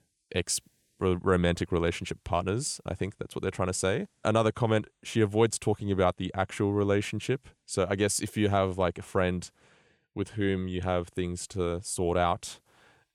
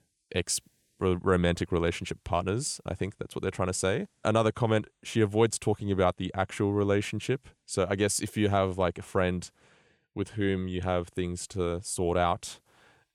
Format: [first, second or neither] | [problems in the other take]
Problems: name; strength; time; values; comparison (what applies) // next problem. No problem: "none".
neither | none